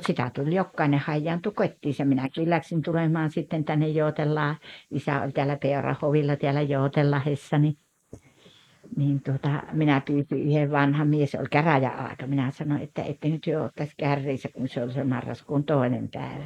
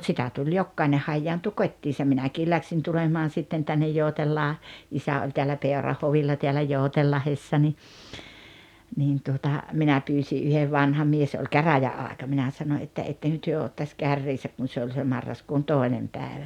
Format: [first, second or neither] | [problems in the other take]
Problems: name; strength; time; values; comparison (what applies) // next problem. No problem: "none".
second | noise reduction (neural mask model Resemble Enhance denoiser)